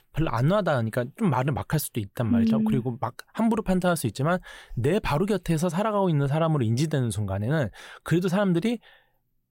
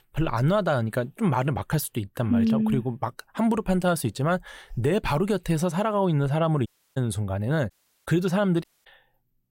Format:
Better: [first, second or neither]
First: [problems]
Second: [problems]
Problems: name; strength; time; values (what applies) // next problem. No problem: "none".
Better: first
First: none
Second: audio cutting out; at 6.5 s, at 7.5 s and at 8.5 s